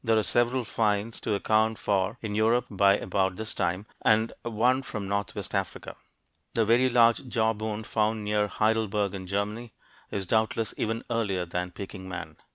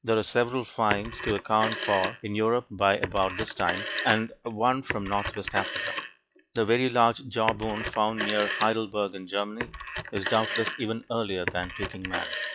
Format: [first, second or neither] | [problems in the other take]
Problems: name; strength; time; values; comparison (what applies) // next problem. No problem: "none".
first | noise reduction (classical method log-MMSE)